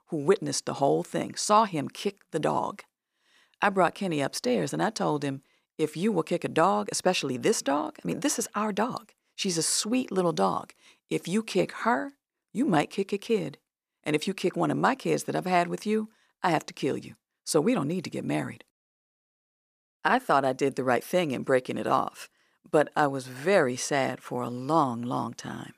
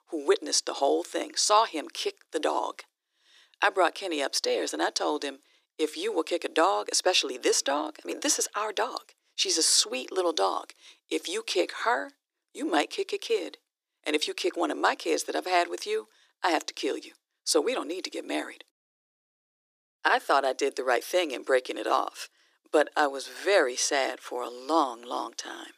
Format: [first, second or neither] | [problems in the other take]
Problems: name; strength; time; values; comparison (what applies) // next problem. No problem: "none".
first | thin; somewhat; fading below 300 Hz